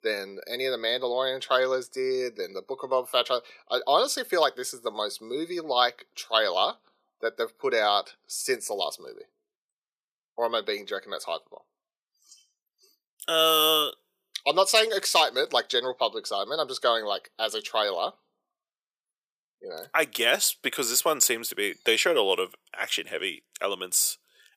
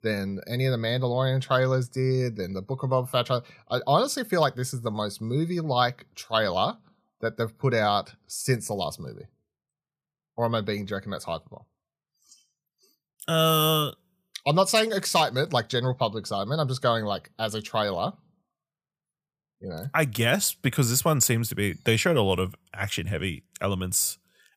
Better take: second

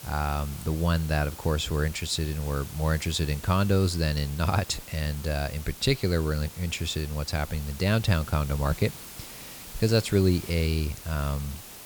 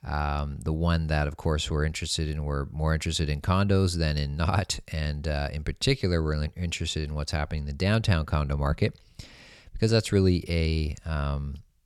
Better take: second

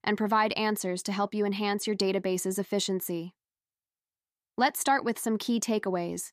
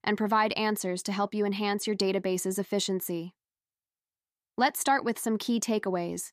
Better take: neither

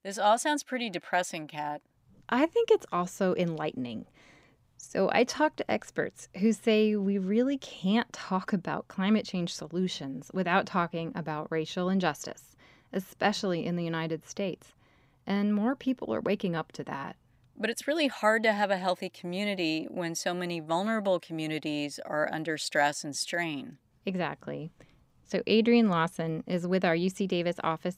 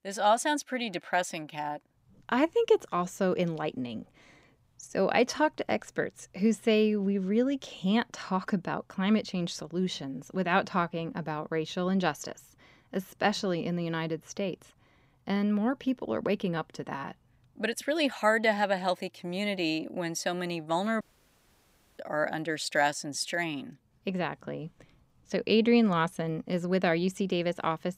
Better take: first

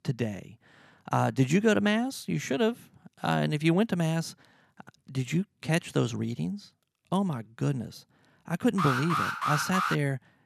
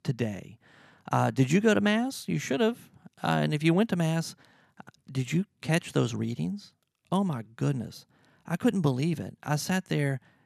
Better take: second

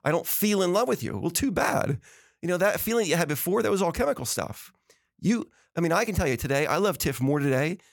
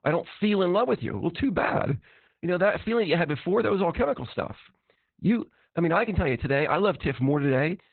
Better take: first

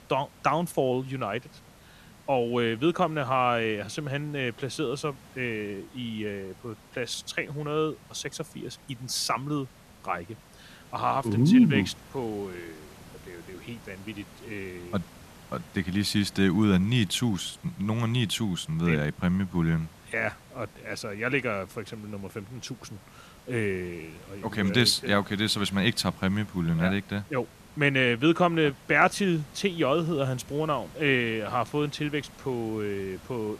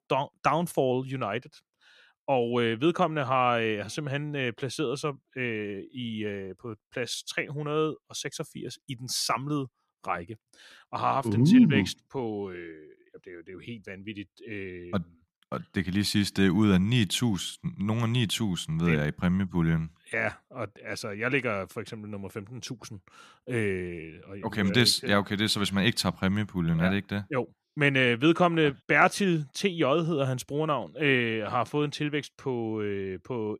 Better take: second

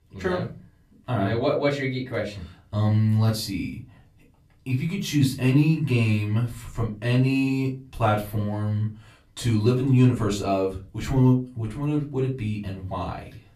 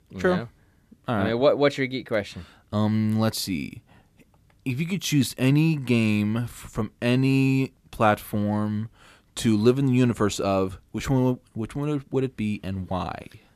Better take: second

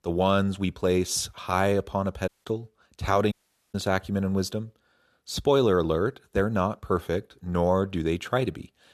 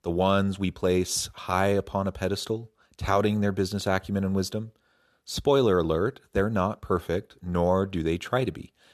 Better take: second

